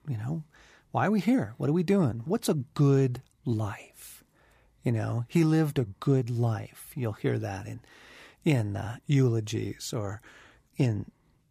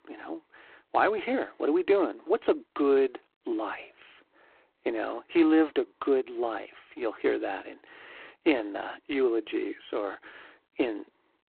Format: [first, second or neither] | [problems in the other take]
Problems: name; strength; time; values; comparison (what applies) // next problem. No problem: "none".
first | phone-call audio; poor line; nothing above 4 kHz